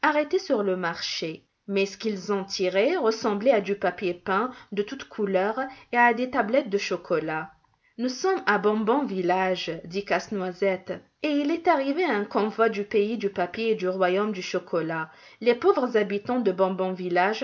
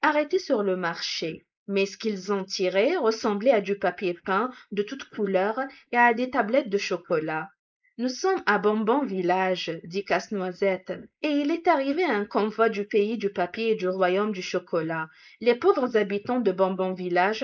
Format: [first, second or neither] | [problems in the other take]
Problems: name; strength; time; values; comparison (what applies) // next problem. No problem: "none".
first | noise reduction (neural mask model Resemble Enhance denoiser)